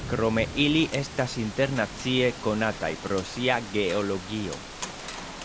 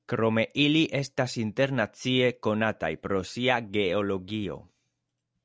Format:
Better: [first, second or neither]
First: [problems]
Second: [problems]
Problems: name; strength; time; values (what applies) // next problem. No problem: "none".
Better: second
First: background sound (Rain); 11 dB below the speech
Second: none